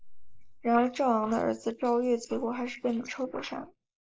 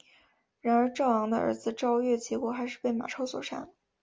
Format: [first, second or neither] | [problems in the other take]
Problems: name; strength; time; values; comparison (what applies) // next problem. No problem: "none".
second | noise reduction (neural mask model Resemble Enhance denoiser)